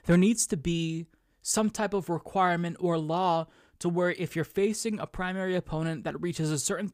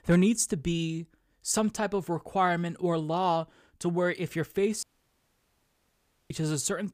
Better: first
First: none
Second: audio cutting out; at 5 s for 1.5 s

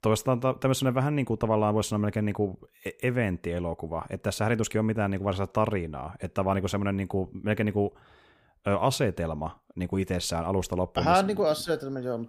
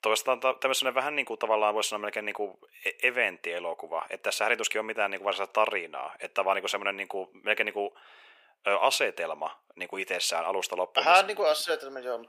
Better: first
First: none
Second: thin; very; fading below 500 Hz

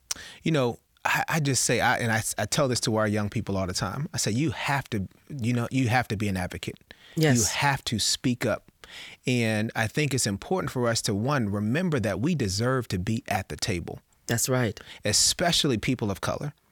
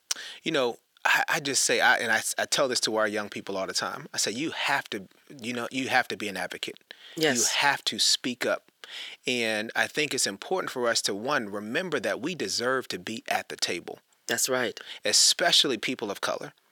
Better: first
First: none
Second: thin; somewhat; fading below 400 Hz

